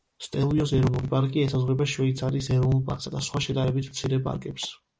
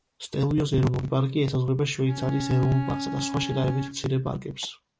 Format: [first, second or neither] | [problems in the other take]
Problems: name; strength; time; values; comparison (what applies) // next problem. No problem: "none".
first | background sound (Bowed string instrument); 8 dB below the speech